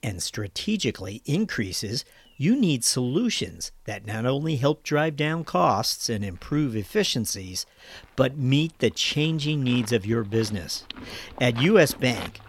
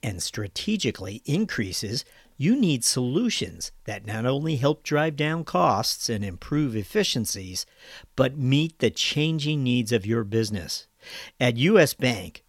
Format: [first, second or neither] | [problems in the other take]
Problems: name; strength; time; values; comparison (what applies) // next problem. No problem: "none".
second | animal sounds; noticeable; throughout; 20 dB below the speech